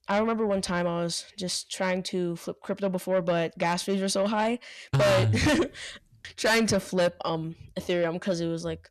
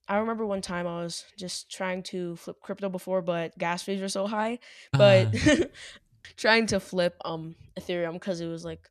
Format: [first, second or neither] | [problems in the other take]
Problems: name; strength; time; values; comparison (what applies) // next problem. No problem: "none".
second | distortion; heavy; 5 dB below the speech